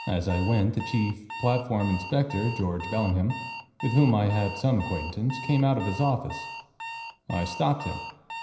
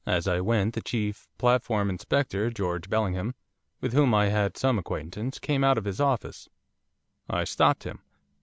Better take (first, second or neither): second